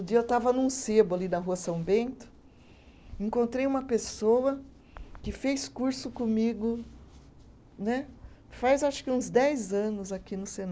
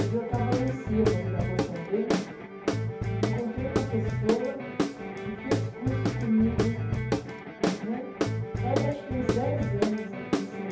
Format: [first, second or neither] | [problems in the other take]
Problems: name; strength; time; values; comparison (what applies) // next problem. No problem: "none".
first | background sound (Guitar / Drum); 2 dB above the speech // room echo; dies away in 0.6 s